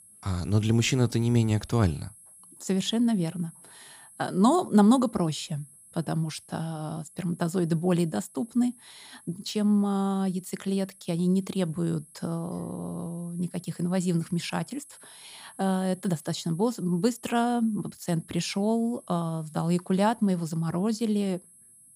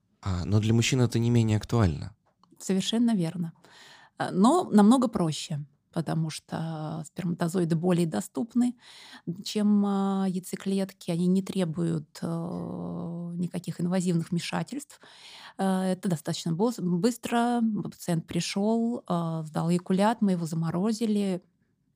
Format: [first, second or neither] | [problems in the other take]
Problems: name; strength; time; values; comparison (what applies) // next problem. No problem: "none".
second | high-pitched whine; faint; throughout; 10.5 kHz, 25 dB below the speech